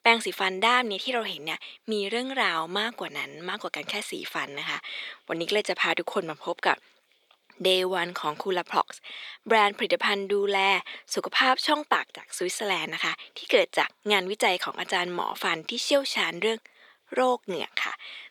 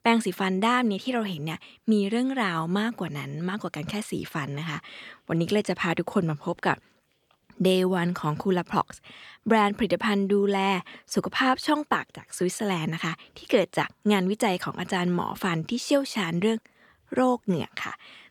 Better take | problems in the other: second | thin; somewhat; fading below 500 Hz

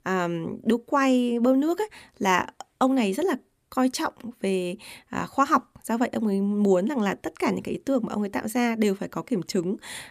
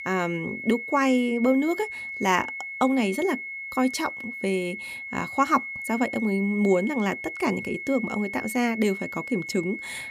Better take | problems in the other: first | high-pitched whine; loud; throughout; 2 kHz, 7 dB below the speech

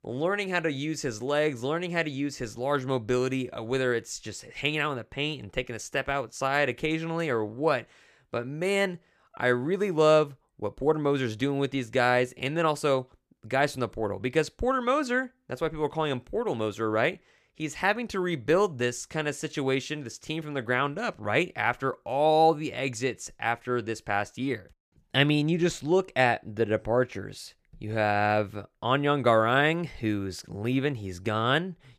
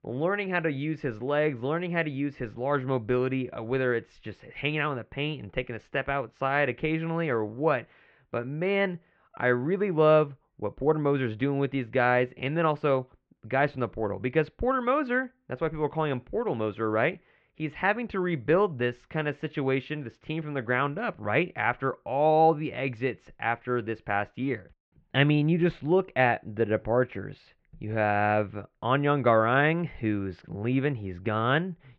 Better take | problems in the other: first | muffled; very; fading above 3 kHz

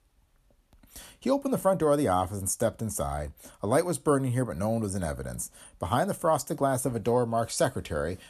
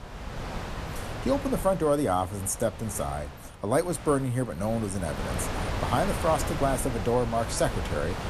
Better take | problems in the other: first | wind noise on the microphone; heavy; 8 dB below the speech

